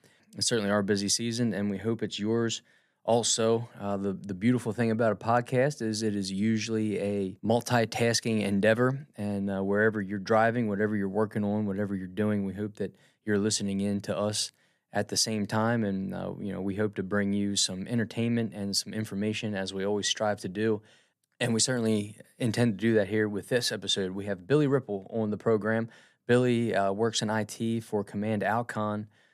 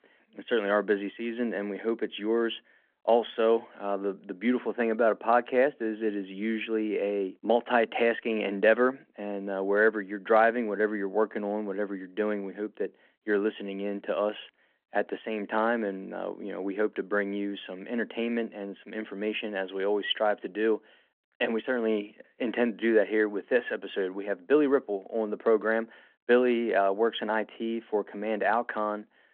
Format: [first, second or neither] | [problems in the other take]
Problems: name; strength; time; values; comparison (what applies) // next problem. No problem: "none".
first | phone-call audio